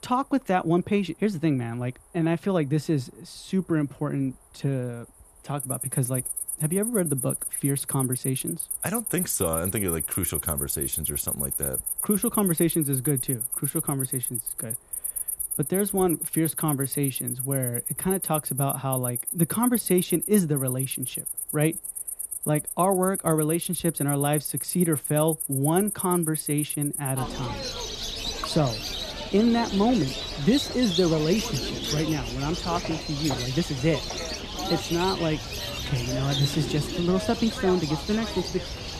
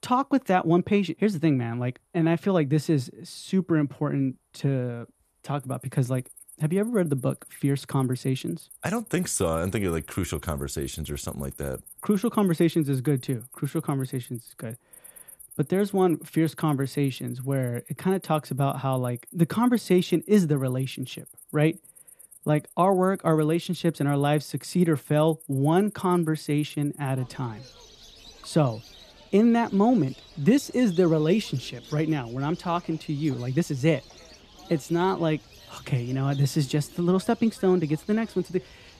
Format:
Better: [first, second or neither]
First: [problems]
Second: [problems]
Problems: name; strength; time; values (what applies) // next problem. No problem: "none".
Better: second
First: animal sounds; loud; throughout; 2 dB below the speech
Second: animal sounds; faint; throughout; 20 dB below the speech